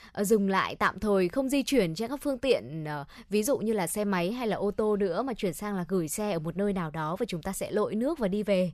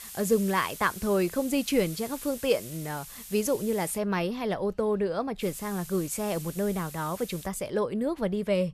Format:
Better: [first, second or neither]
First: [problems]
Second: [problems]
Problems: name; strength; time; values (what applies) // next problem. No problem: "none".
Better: first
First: none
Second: hiss; noticeable; until 4 s and from 5.5 to 7.5 s; 15 dB below the speech